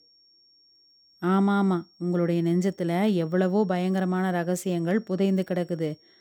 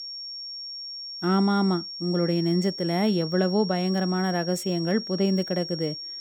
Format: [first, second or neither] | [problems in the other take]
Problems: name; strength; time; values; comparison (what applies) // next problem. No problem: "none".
first | high-pitched whine; loud; throughout; 5.5 kHz, 9 dB below the speech; faint in the first